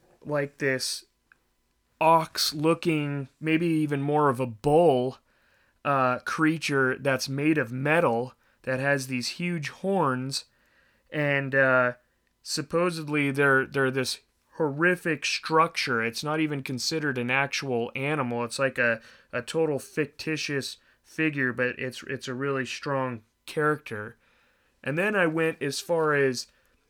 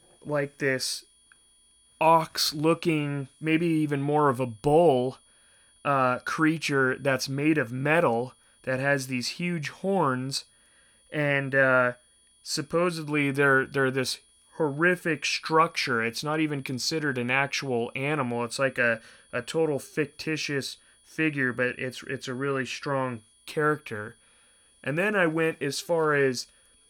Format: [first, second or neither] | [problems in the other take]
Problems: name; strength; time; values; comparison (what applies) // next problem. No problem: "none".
first | high-pitched whine; faint; throughout; 9.5 kHz, 30 dB below the speech